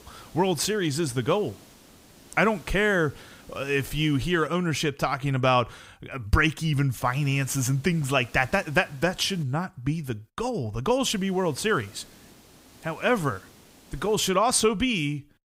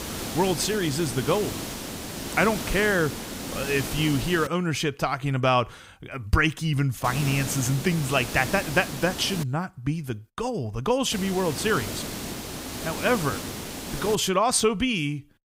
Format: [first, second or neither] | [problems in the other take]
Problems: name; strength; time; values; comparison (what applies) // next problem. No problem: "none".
first | hiss; loud; until 4.5 s, from 7 to 9.5 s and from 11 to 14 s; 8 dB below the speech; faint in the first